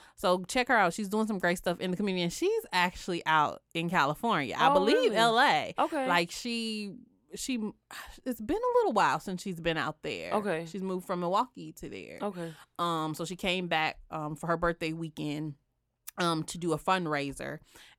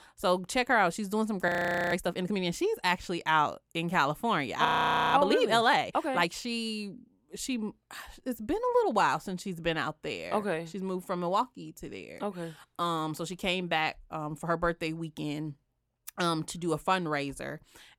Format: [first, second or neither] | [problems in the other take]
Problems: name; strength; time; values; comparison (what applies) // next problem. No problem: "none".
first | audio freezing; at 1.5 s and at 4.5 s